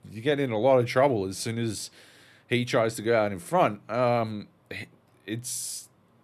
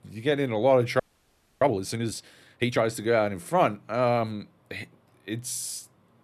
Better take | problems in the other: first | audio freezing; at 1 s for 0.5 s

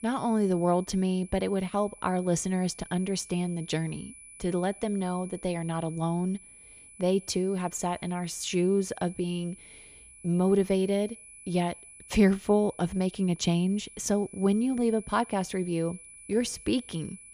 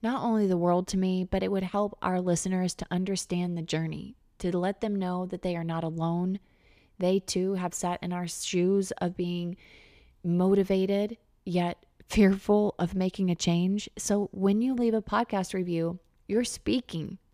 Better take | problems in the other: second | high-pitched whine; noticeable; throughout; 10 kHz, 20 dB below the speech

